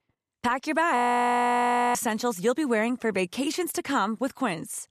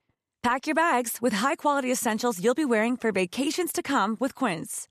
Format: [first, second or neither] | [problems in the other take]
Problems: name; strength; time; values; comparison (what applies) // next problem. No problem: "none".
second | audio freezing; at 1 s for 1 s